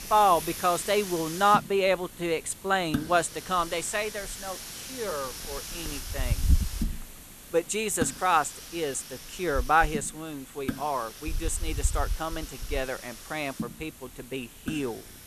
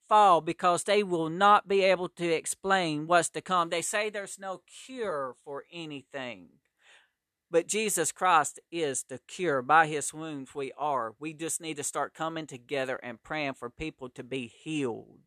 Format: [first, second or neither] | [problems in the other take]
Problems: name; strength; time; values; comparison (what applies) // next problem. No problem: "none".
second | hiss; loud; throughout; 8 dB below the speech